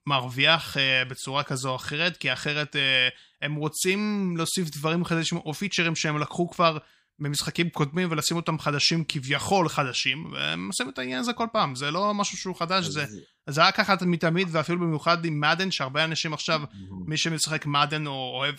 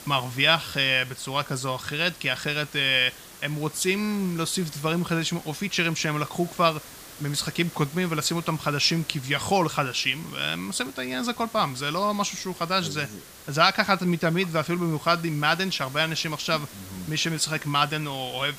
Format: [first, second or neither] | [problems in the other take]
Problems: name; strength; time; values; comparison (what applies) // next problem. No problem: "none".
first | hiss; noticeable; throughout; 20 dB below the speech